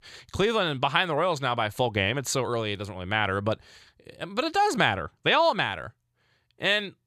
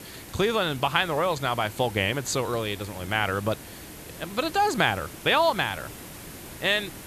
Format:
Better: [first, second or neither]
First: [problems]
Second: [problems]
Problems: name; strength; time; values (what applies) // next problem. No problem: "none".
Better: first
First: none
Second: hiss; noticeable; throughout; 15 dB below the speech